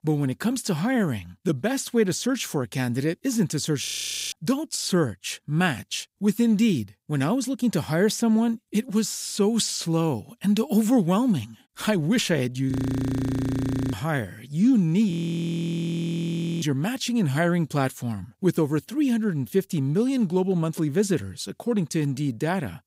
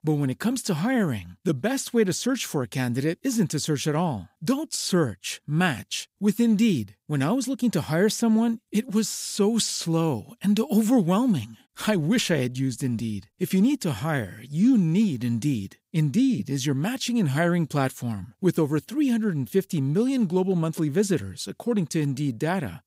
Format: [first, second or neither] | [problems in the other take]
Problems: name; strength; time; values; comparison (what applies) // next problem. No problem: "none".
second | audio freezing; at 4 s, at 13 s for 1 s and at 15 s for 1.5 s